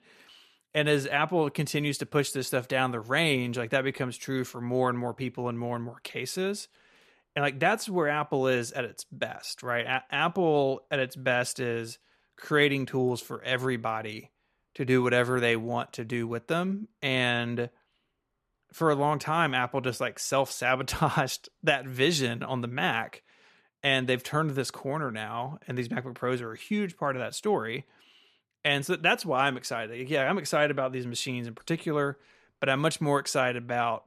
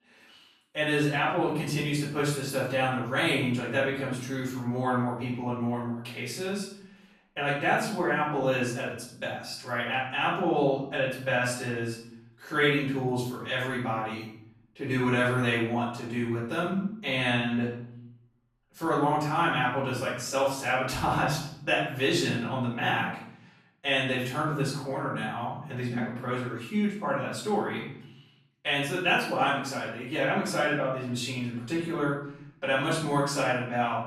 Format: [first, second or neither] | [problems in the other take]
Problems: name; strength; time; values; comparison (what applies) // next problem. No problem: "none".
first | off-mic speech; far // room echo; noticeable; dies away in 0.6 s